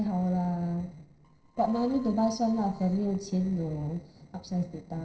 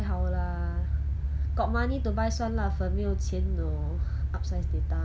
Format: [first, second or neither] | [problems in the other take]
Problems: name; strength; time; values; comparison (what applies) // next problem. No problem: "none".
second | noise reduction (neural separator model SepFormer DNS4)